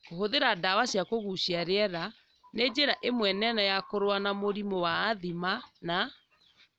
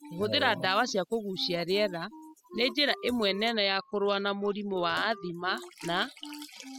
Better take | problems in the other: first | noise reduction (classical method spectral subtraction)

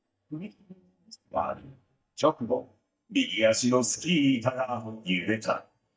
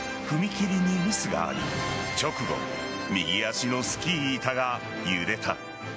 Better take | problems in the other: second | noise reduction (neural mask model DeepFilterNet 3)

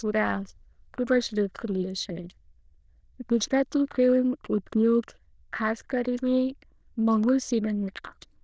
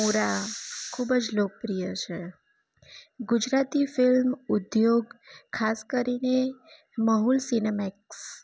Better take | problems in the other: second | noise reduction (neural diffusion model UNIVERSE++)

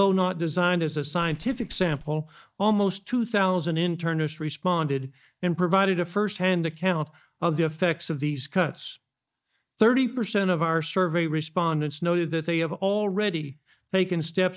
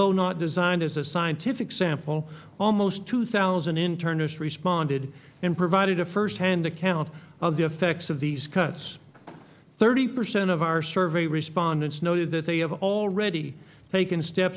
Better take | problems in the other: second | noise reduction (neural mask model DeepFilterNet 3)

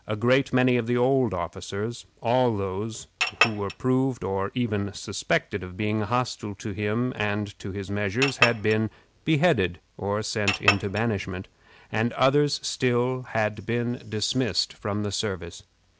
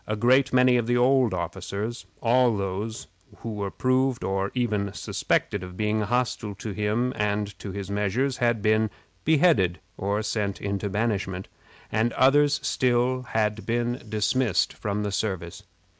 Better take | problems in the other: second | background sound (Chink, clink); 3 dB below the speech

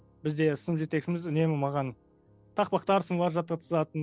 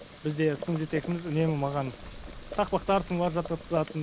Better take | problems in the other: first | background sound (Bird + Boiling); 13 dB below the speech

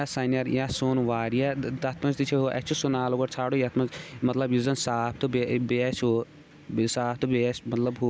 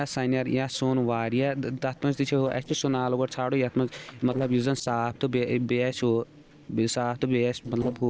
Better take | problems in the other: first | noise reduction (neural separator model SepFormer DNS4)

